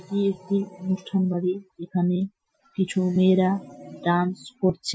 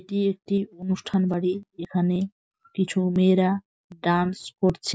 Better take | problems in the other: second | noise reduction (classical method Wiener filter)

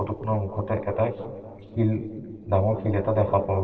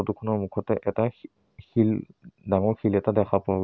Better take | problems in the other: second | noise reduction (neural separator model SepFormer DNS4)

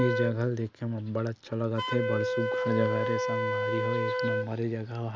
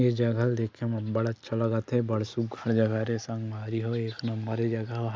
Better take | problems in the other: second | background sound (Wind instrument, woodwind instrument); 1 dB below the speech

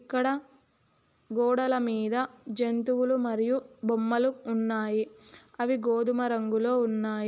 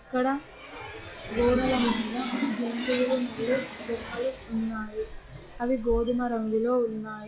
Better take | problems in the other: first | noise reduction (classical method log-MMSE)

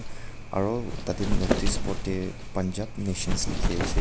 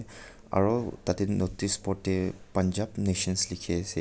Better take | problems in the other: second | background sound (Wind); 3 dB above the speech

